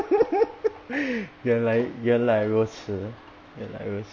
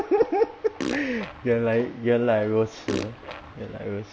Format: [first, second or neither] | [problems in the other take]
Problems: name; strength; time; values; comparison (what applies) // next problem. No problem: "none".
first | background sound (Fart); 9 dB below the speech